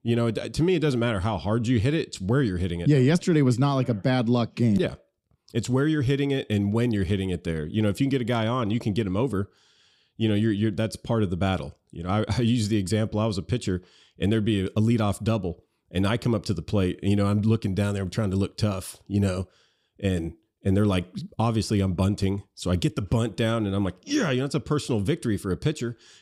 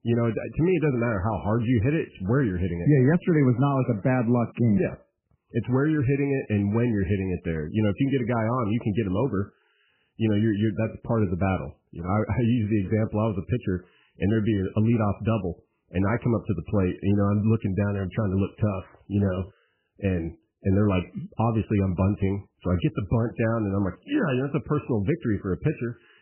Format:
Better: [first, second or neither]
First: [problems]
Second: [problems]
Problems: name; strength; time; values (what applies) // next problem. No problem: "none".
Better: first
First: none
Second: garbled, watery; badly; nothing above 3 kHz